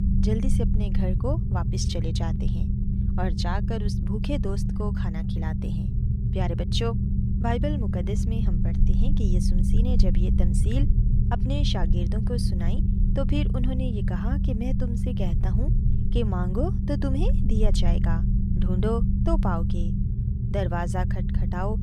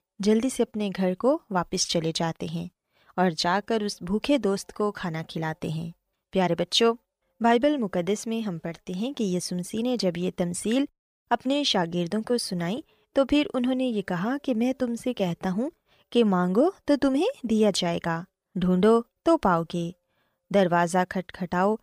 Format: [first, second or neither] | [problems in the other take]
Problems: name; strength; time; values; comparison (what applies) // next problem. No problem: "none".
second | low rumble; loud; throughout; 4 dB below the speech